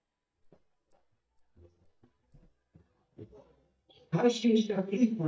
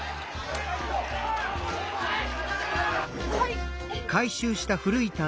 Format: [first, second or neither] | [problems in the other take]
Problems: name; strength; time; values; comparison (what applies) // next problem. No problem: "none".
second | noise reduction (neural mask model DeepFilterNet 3)